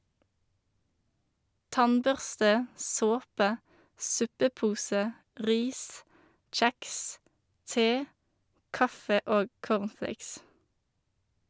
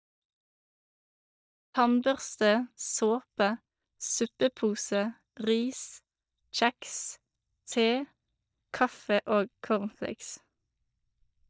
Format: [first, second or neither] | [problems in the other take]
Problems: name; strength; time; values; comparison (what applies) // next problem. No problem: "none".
first | noise reduction (neural mask model DeepFilterNet 3)